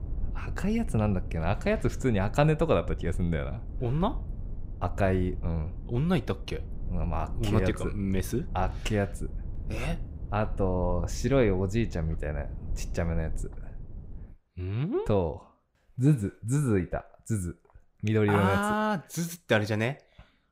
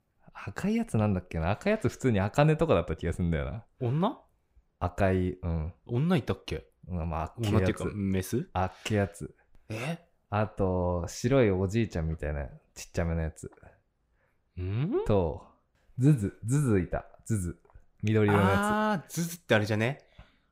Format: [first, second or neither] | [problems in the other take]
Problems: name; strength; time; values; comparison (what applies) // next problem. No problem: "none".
second | low rumble; faint; until 14 s; 20 dB below the speech